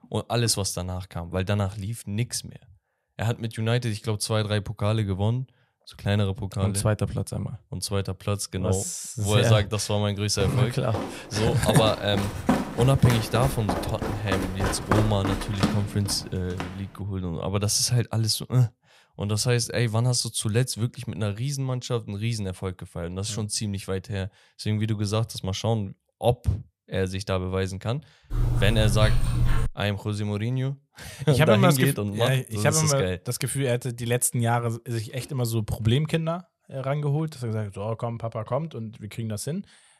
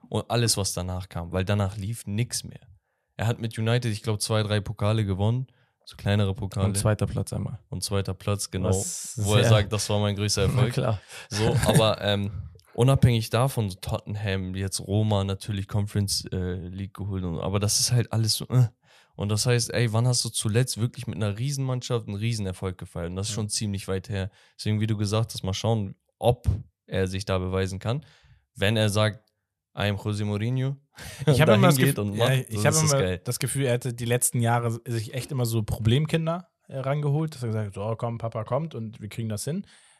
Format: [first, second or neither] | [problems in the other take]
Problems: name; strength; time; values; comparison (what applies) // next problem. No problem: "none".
second | footsteps; loud; from 10 to 17 s; peak 1 dB above the speech // dog barking; loud; from 28 to 30 s; peak 2 dB above the speech